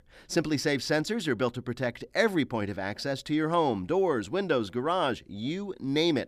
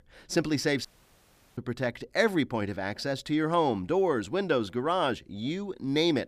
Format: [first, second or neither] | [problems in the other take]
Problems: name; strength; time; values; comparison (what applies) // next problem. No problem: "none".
first | audio cutting out; at 1 s for 0.5 s